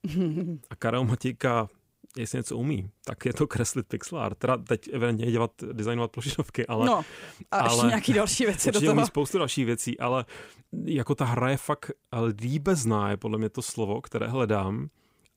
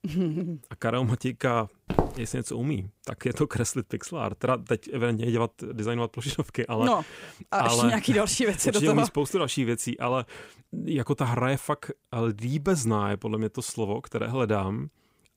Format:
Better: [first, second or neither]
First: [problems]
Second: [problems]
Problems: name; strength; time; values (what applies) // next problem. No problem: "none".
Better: first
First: none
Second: footsteps; noticeable; at 2 s; peak 1 dB below the speech